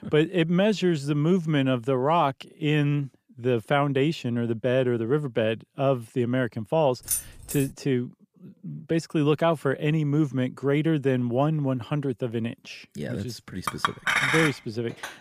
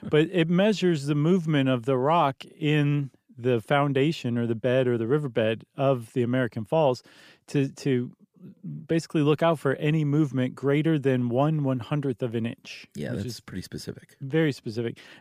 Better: second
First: jangling keys; noticeable; at 7 s; peak 2 dB below the speech // clattering dishes; loud; from 14 s on; peak 4 dB above the speech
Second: none

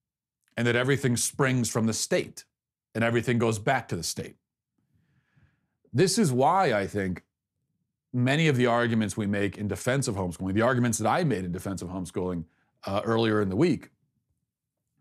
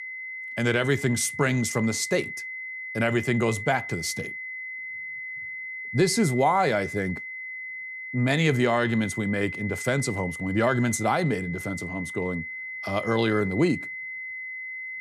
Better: first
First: none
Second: high-pitched whine; loud; throughout; 2 kHz, 8 dB below the speech

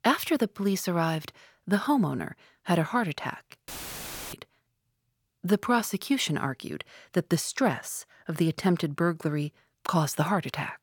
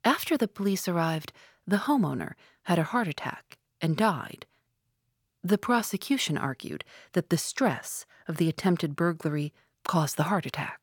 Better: second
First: audio cutting out; filled with static; at 3.5 s for 0.5 s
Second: none

